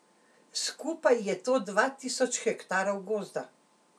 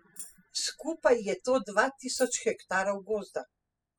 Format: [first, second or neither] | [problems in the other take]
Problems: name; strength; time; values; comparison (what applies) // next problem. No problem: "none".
first | noise reduction (classical method spectral subtraction)